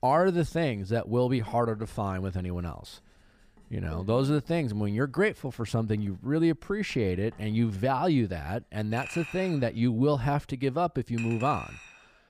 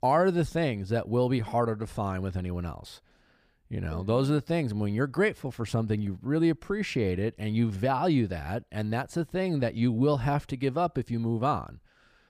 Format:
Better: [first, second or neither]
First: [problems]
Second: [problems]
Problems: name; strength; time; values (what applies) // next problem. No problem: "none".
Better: second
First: household noises; noticeable; throughout; 15 dB below the speech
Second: none